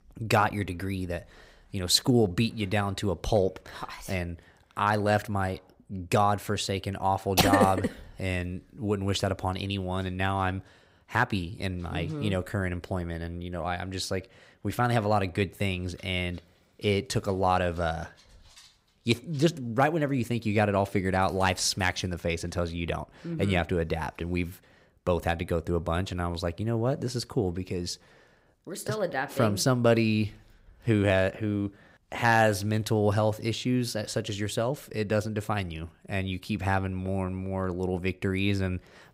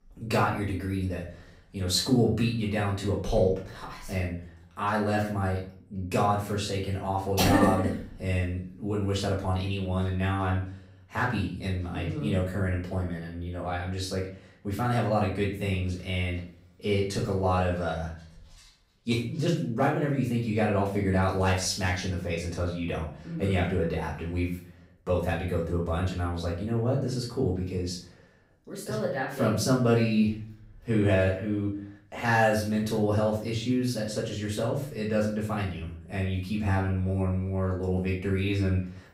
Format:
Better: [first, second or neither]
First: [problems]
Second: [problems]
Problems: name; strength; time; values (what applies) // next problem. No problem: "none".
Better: first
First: none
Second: room echo; noticeable; dies away in 0.4 s // off-mic speech; far